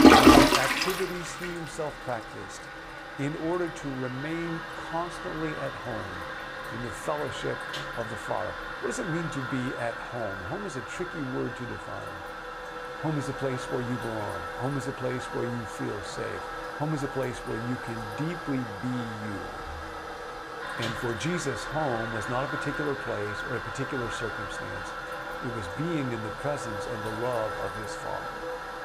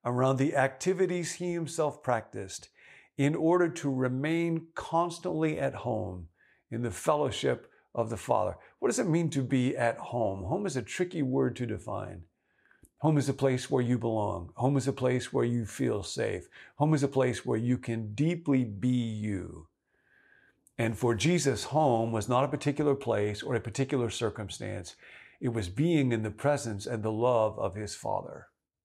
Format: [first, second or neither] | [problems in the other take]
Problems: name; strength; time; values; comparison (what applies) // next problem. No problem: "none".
second | household noises; very loud; throughout; 3 dB above the speech